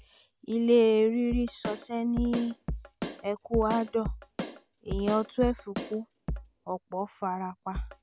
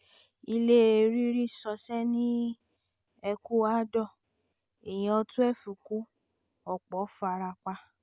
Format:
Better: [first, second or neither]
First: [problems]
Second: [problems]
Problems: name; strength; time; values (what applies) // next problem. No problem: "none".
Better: second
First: background sound (Drum kit); 9 dB below the speech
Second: none